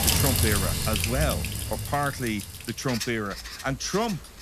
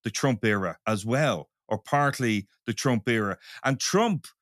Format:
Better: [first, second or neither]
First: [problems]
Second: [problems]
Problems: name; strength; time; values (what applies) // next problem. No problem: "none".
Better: second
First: household noises; very loud; throughout; 1 dB above the speech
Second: none